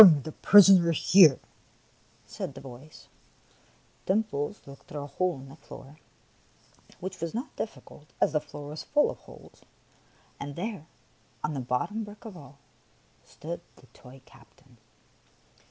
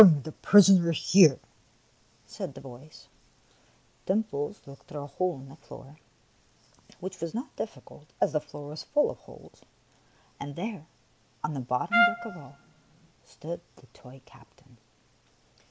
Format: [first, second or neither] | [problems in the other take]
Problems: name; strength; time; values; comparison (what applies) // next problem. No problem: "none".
first | background sound (Trumpet); 1 dB above the speech